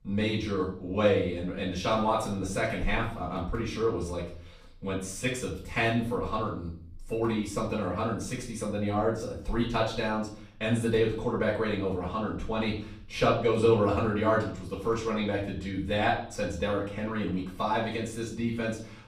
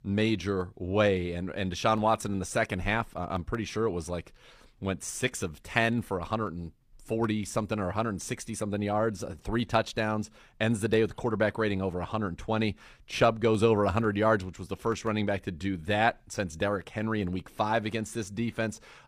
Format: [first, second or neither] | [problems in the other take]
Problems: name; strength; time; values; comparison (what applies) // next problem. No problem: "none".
second | off-mic speech; far // room echo; noticeable; dies away in 0.5 s